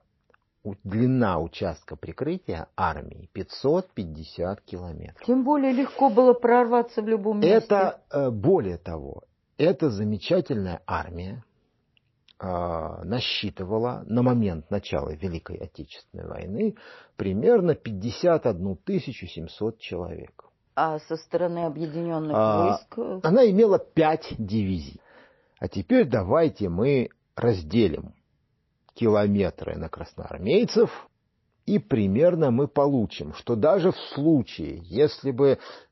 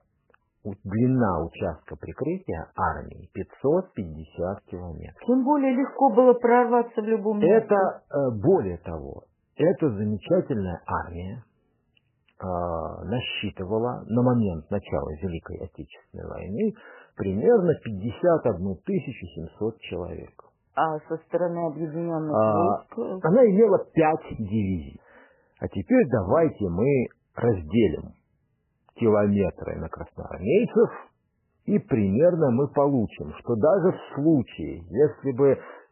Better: first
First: garbled, watery; slightly; nothing above 5.5 kHz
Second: garbled, watery; badly; nothing above 3 kHz

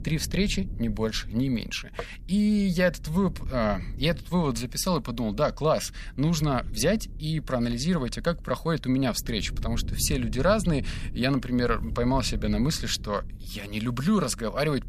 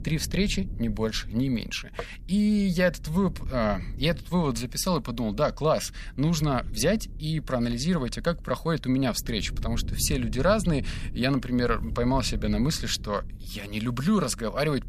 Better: neither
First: low rumble; faint; throughout; 25 dB below the speech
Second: low rumble; faint; throughout; 25 dB below the speech

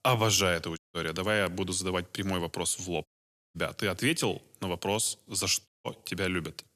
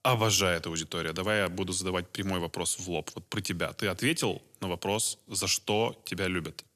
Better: second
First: audio cutting out; at 1 s, at 3 s and at 5.5 s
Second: none

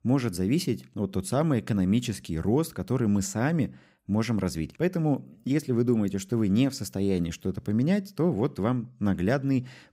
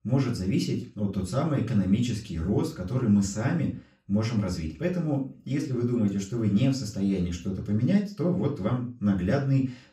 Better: first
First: none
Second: room echo; slight; dies away in 0.3 s // off-mic speech; far

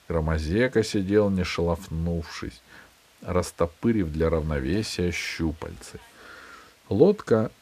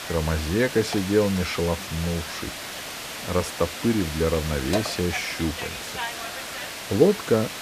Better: first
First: hiss; faint; throughout; 30 dB below the speech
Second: hiss; loud; throughout; 7 dB below the speech

